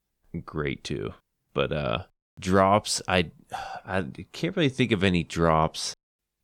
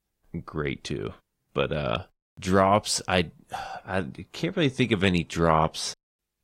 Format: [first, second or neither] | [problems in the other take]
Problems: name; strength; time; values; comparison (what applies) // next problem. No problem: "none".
first | garbled, watery; slightly; nothing above 15 kHz